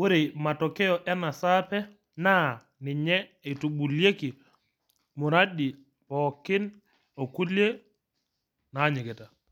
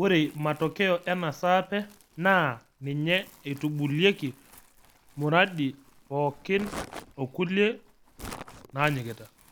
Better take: first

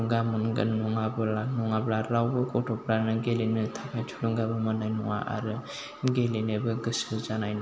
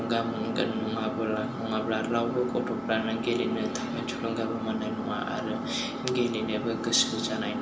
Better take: first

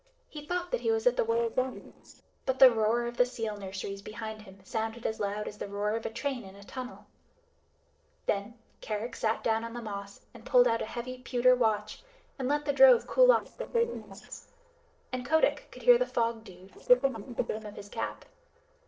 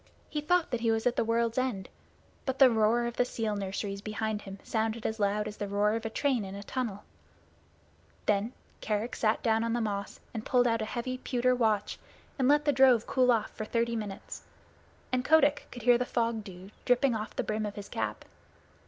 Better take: second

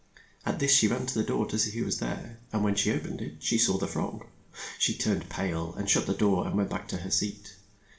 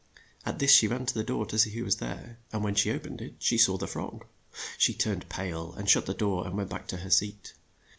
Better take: second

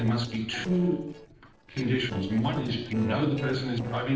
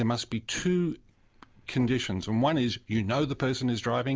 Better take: second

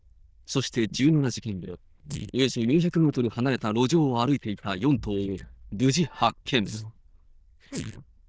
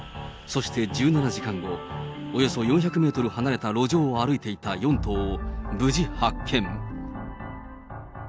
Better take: second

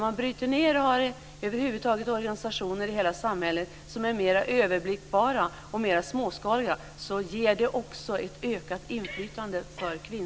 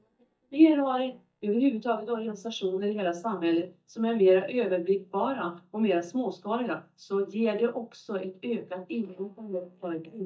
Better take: first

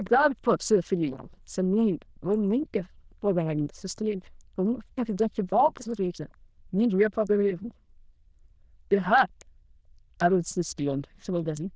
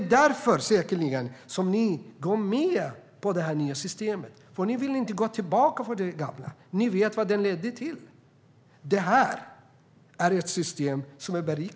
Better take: second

